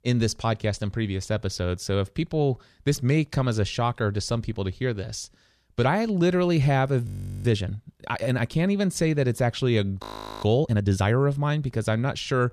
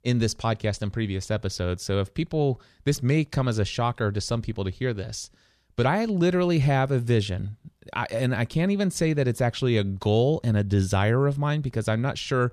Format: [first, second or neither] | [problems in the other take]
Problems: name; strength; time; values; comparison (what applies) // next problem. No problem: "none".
second | audio freezing; at 7 s and at 10 s